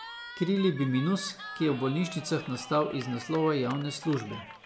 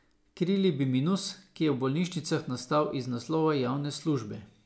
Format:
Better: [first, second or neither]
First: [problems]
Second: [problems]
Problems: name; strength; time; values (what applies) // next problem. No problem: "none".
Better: second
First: background sound (Cheering); 14 dB below the speech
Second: none